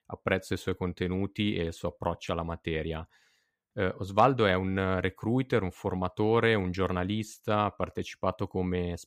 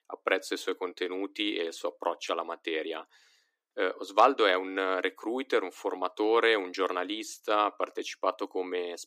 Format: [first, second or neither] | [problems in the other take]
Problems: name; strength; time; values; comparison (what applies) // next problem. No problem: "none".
first | thin; somewhat; fading below 300 Hz